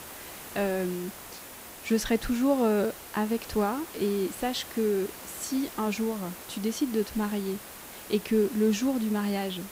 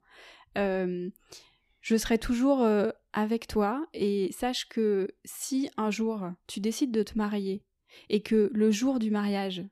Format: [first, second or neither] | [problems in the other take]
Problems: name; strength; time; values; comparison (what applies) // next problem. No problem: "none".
second | hiss; noticeable; throughout; 15 dB below the speech